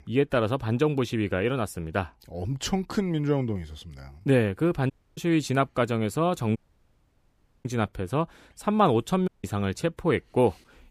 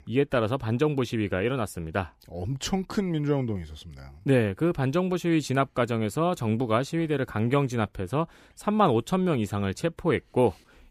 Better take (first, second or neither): second